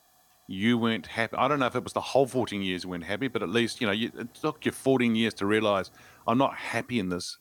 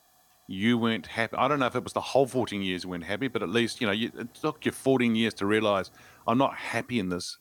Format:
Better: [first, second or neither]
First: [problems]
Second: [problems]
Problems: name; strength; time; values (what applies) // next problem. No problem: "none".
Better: neither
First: hiss; faint; throughout; 30 dB below the speech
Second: hiss; faint; throughout; 30 dB below the speech